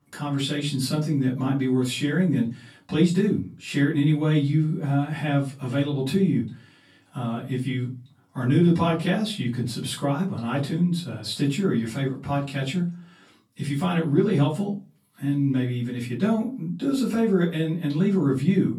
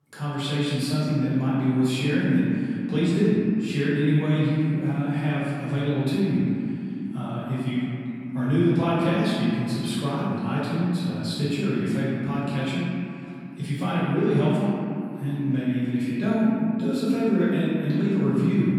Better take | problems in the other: first | room echo; strong; dies away in 3 s; slight in the first // off-mic speech; far; far in the first

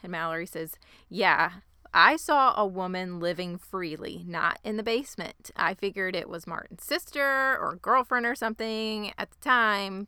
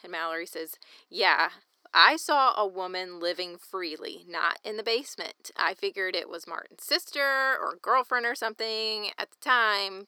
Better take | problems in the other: first | thin; somewhat; fading below 350 Hz

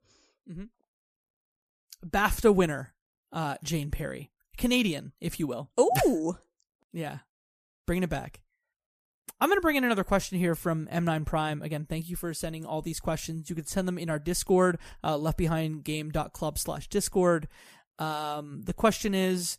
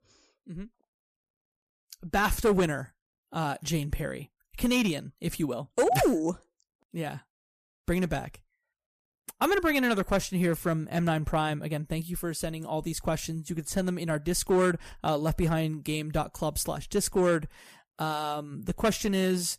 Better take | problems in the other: first | distortion; slight; 2% of the sound clipped

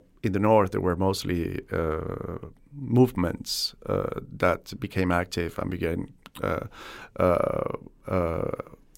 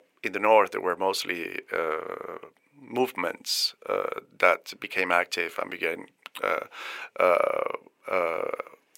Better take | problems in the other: first | thin; very; fading below 600 Hz

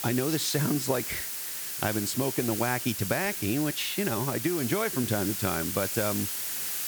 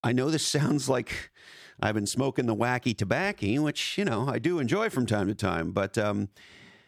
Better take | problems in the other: second | hiss; loud; throughout; 2 dB below the speech

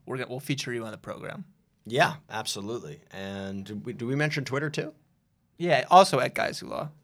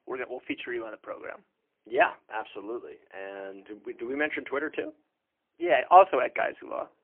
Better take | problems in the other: first | phone-call audio; poor line

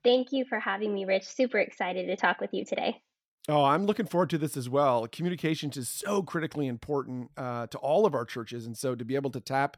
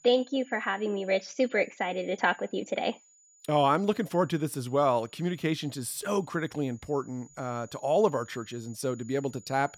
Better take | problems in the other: first | high-pitched whine; faint; throughout; 7 kHz, 25 dB below the speech

